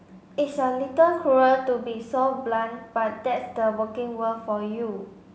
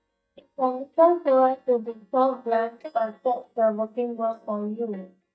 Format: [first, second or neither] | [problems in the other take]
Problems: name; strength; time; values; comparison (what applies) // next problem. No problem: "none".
first | noise reduction (neural mask model DeepFilterNet 3)